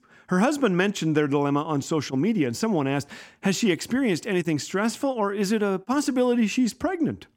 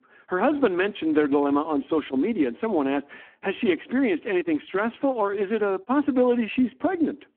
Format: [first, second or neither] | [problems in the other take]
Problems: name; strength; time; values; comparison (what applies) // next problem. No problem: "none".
first | phone-call audio; poor line